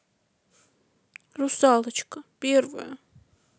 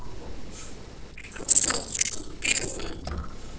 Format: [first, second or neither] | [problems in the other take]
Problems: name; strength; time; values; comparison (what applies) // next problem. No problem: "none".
first | noise reduction (neural separator model SepFormer DNS4)